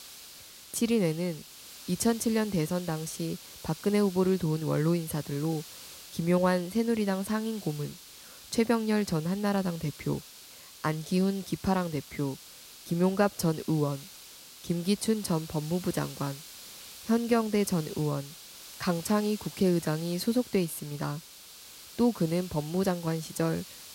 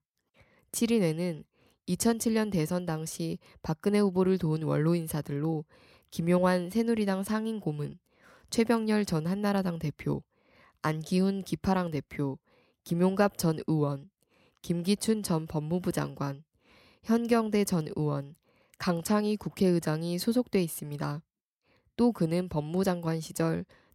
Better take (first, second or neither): second